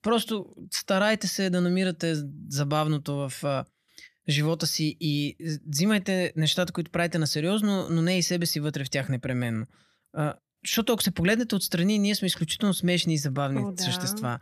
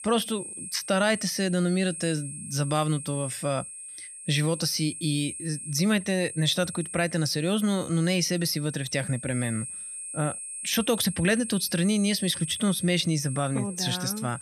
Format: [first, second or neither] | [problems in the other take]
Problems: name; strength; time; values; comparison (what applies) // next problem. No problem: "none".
first | high-pitched whine; loud; throughout; 8.5 kHz, 9 dB below the speech